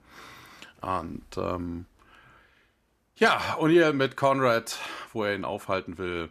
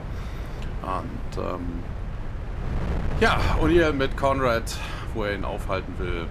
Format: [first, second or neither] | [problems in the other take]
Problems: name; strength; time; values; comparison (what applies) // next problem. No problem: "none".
first | wind noise on the microphone; occasional gusts; 15 dB below the speech